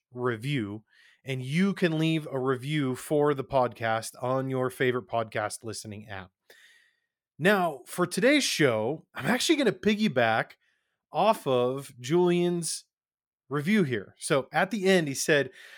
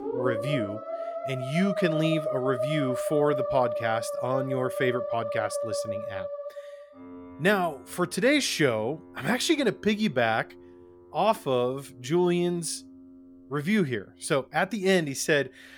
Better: first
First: none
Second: background music; loud; throughout; 5 dB below the speech

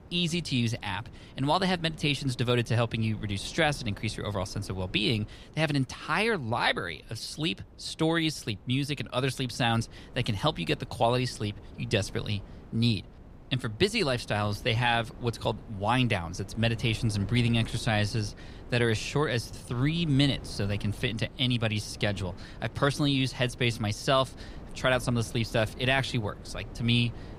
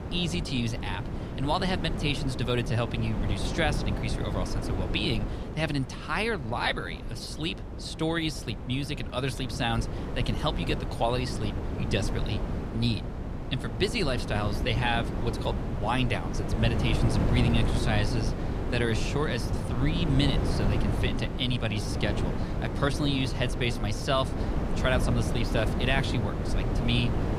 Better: first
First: wind noise on the microphone; occasional gusts; 25 dB below the speech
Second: wind noise on the microphone; heavy; 6 dB below the speech

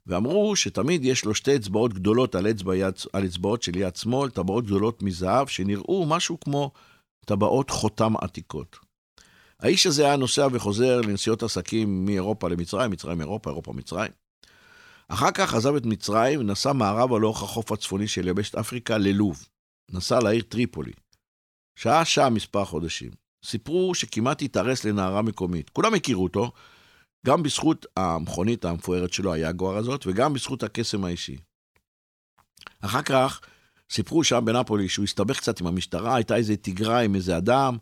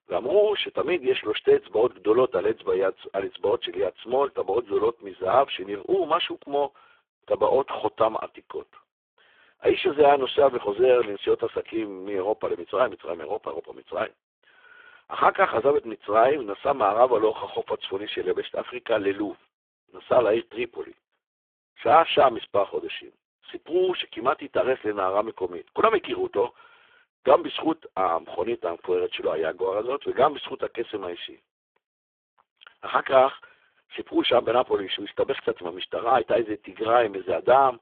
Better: first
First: none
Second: phone-call audio; poor line; nothing above 3.5 kHz

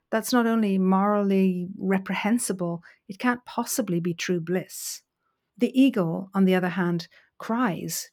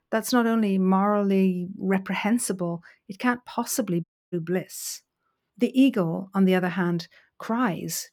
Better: first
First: none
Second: audio cutting out; at 4 s

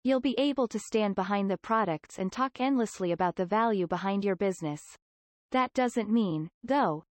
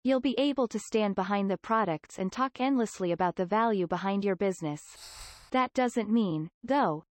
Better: first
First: none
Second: footsteps; faint; at 5 s; peak 15 dB below the speech

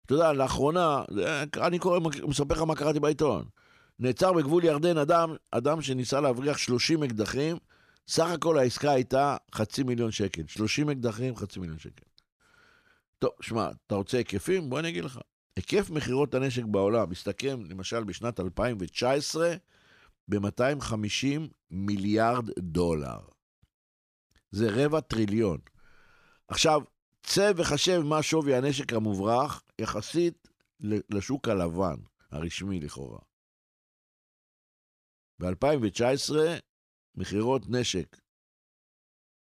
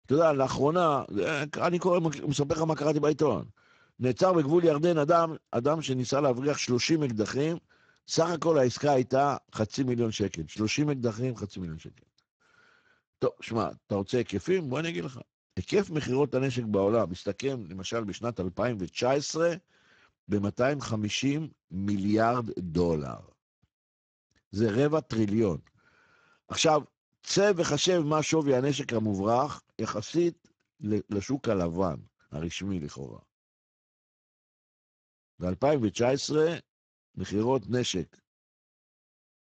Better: first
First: none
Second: garbled, watery; badly

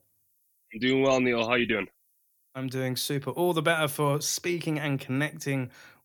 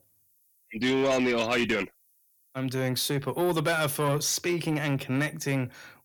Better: first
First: none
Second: distortion; slight; 10 dB below the speech

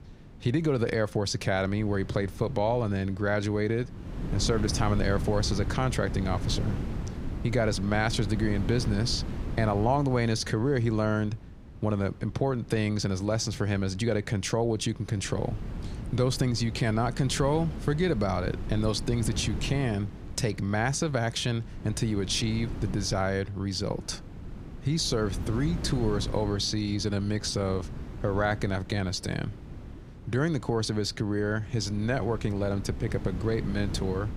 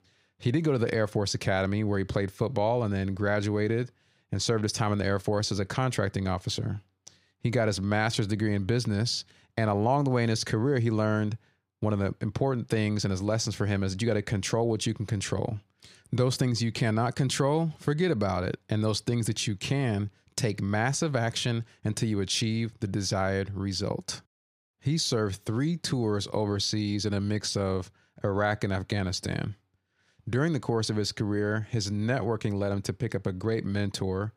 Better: second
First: wind noise on the microphone; occasional gusts; 15 dB below the speech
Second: none

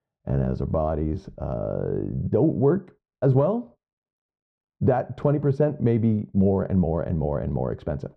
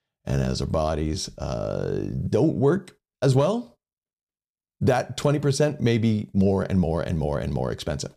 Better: second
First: muffled; very; fading above 3 kHz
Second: none

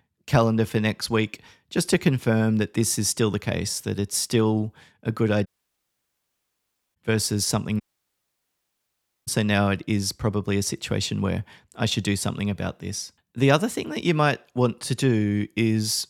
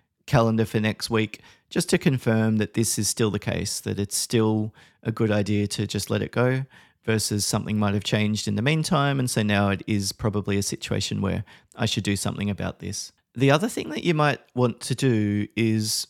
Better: second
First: audio cutting out; at 5.5 s for 1.5 s and at 8 s for 1.5 s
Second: none

